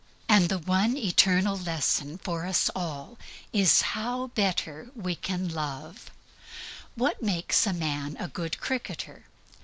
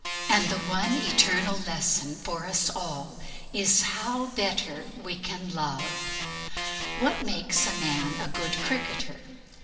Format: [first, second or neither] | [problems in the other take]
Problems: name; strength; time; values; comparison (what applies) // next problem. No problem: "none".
first | background sound (Organ); 4 dB below the speech // room echo; dies away in 2.4 s